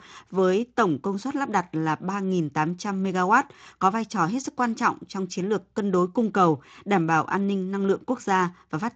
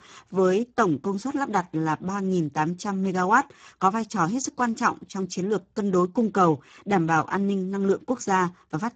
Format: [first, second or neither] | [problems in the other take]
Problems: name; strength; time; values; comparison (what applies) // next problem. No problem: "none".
first | garbled, watery; badly; nothing above 7.5 kHz; slightly in the first